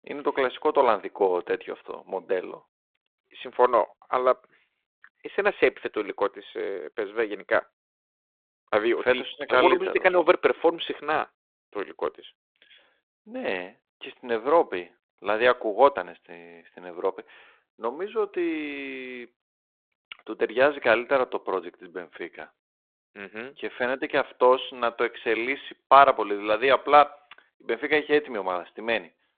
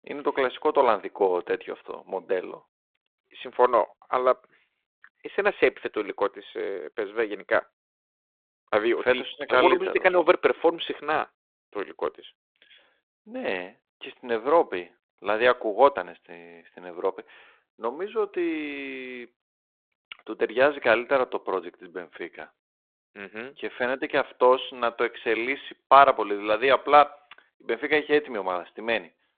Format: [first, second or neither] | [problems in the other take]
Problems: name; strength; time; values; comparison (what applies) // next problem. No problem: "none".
neither | phone-call audio; nothing above 3.5 kHz; the same in both